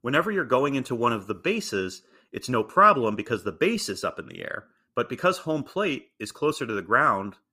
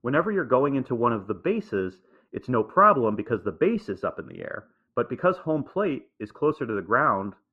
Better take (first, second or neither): first